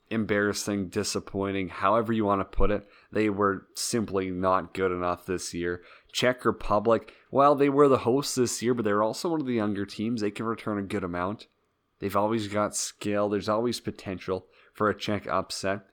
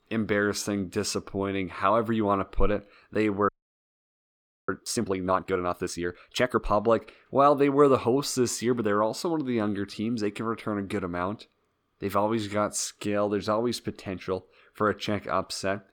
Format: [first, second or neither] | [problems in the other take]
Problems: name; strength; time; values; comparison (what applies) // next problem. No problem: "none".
first | audio freezing; at 3.5 s for 1 s